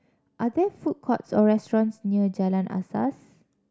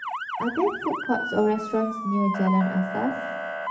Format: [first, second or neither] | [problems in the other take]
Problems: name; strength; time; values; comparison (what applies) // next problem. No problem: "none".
first | background sound (Motor vehicle (road) / Siren); 5 dB below the speech // room echo; dies away in 1.4 s